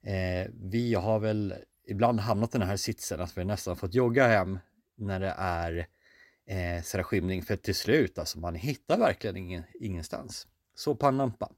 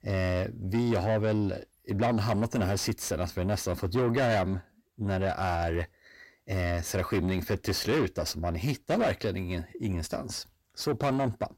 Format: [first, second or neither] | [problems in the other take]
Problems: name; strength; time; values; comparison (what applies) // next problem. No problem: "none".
first | distortion; heavy; 7 dB below the speech